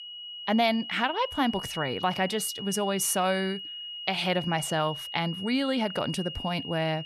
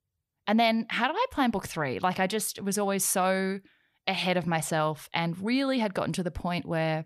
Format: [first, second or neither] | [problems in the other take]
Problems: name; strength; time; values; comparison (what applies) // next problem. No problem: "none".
second | high-pitched whine; loud; throughout; 3 kHz, 8 dB below the speech